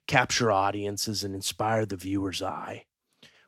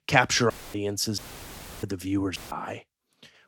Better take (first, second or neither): first